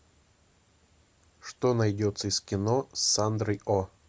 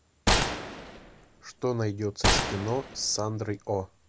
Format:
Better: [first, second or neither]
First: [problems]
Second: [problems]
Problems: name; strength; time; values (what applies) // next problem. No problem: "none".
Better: first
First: none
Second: background sound (Gunshot, gunfire); 2 dB above the speech